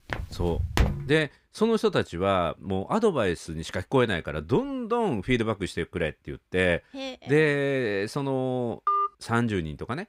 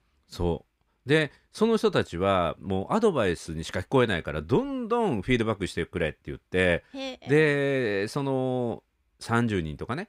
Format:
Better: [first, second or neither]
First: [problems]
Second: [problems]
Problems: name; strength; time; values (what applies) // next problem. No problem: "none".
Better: second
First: footsteps; loud; at the start; peak level with the speech // phone ringing; loud; at 9 s; peak 1 dB above the speech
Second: none